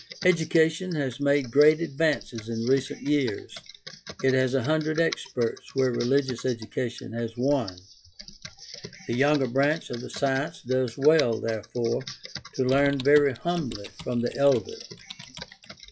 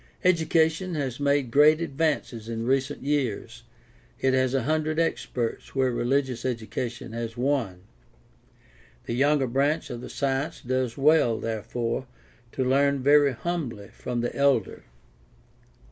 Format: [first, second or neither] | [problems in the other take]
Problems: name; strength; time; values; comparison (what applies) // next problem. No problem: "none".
second | noise reduction (classical method log-MMSE)